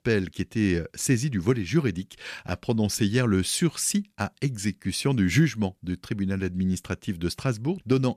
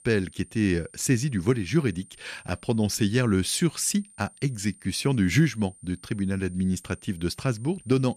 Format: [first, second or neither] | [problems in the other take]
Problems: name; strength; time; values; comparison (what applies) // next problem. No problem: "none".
first | high-pitched whine; faint; throughout; 9 kHz, 25 dB below the speech